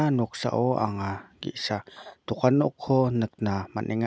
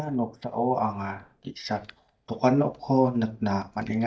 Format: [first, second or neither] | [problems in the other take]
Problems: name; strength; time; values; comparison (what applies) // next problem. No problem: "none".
first | noise reduction (neural mask model DeepFilterNet 3)